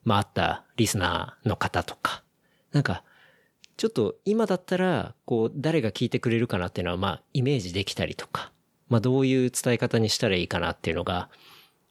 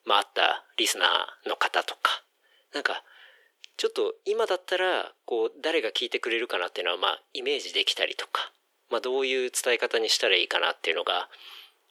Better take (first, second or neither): first